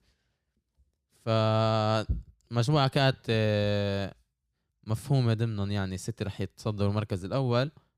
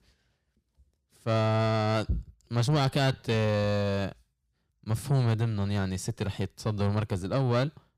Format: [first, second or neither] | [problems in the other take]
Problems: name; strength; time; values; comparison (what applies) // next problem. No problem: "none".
first | distortion; slight; 9 dB below the speech